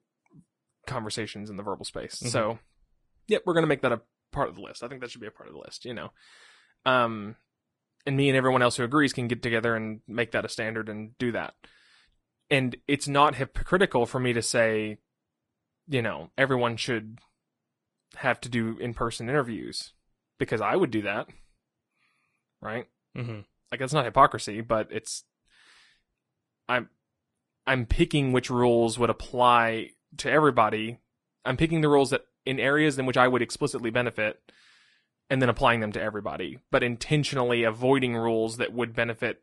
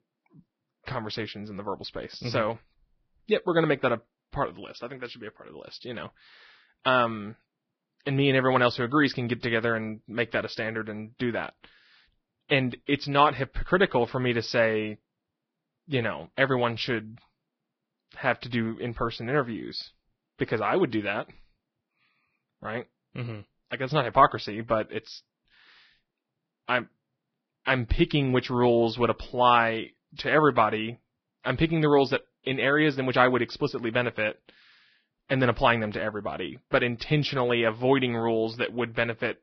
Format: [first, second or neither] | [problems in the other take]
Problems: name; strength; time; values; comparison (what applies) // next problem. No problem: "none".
first | garbled, watery; badly; nothing above 5.5 kHz; slightly in the first